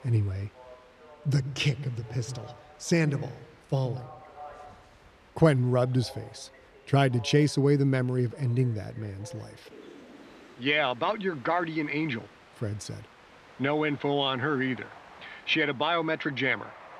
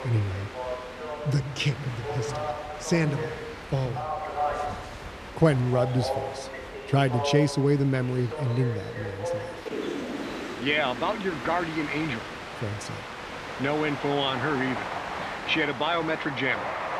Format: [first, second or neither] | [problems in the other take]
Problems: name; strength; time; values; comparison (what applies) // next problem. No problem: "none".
first | train or aircraft noise; loud; throughout; 7 dB below the speech; faint in the first